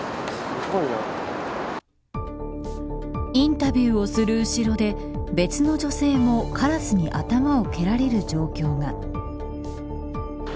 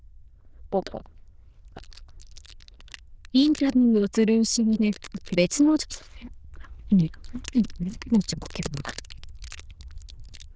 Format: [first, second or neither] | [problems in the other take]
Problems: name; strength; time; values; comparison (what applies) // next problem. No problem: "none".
first | noise reduction (neural diffusion model UNIVERSE++)